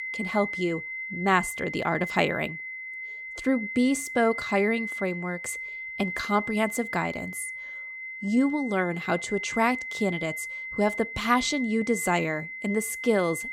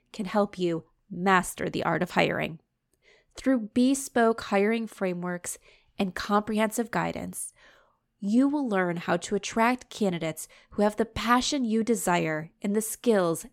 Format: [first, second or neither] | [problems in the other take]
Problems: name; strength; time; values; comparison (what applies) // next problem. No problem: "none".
second | high-pitched whine; loud; throughout; 2 kHz, 6 dB below the speech